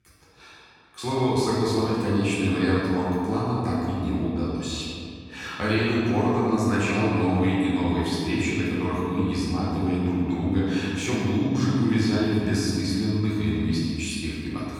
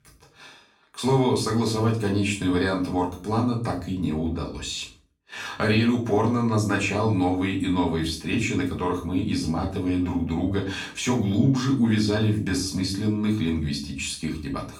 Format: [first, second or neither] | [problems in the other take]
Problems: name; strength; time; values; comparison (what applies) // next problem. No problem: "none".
second | room echo; strong; dies away in 2.2 s; slight in the second // off-mic speech; far; far in the second